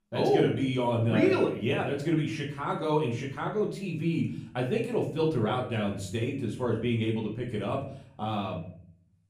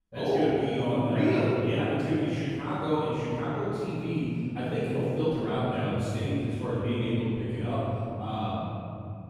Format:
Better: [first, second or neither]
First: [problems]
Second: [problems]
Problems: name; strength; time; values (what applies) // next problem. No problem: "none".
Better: first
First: room echo; slight; dies away in 0.5 s // off-mic speech; far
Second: room echo; strong; dies away in 3 s // off-mic speech; far